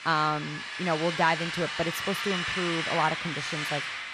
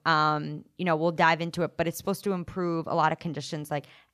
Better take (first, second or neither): second